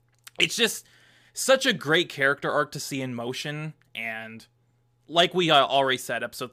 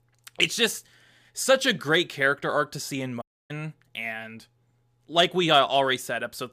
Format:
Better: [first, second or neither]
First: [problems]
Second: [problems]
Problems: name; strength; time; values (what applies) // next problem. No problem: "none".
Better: first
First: none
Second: audio cutting out; at 3 s